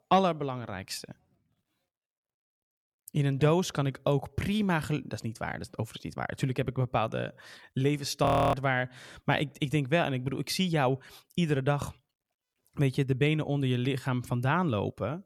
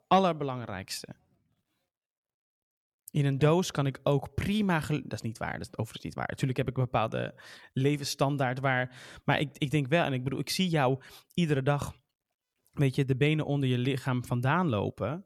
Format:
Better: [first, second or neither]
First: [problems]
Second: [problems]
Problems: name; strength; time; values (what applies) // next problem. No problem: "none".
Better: second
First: audio freezing; at 8.5 s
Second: none